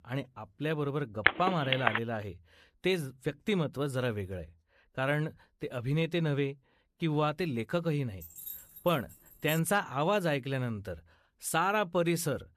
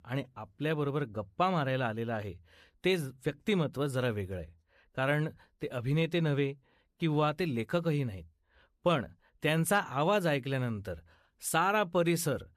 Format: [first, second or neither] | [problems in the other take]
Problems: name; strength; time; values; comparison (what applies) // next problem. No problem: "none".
second | phone ringing; loud; at 1.5 s; peak 4 dB above the speech // jangling keys; noticeable; from 8 to 9.5 s; peak 10 dB below the speech